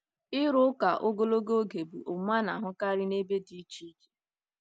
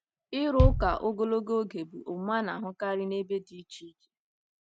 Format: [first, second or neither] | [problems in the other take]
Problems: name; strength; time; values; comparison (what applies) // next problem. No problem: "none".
first | background sound (Bass drum); 1 dB above the speech